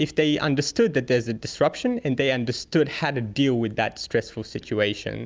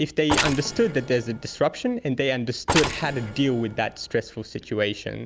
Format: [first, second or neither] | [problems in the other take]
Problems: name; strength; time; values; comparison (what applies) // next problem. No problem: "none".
first | background sound (Mechanisms); 6 dB below the speech